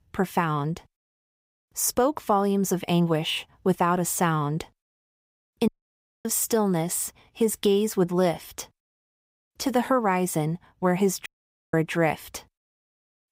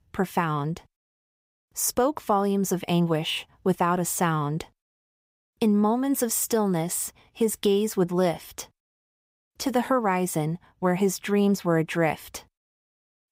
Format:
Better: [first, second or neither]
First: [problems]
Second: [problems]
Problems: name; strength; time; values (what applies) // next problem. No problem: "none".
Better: second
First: audio cutting out; at 5.5 s for 0.5 s and at 11 s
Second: none